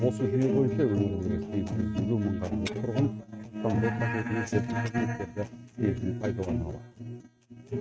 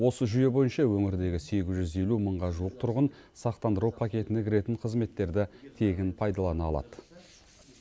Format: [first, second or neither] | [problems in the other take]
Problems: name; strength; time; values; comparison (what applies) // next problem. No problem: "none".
second | noise reduction (neural mask model RNNoise)